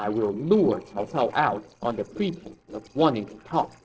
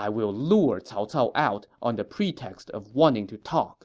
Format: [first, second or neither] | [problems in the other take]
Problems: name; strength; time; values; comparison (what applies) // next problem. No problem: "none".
second | noise reduction (neural separator model SepFormer DNS4)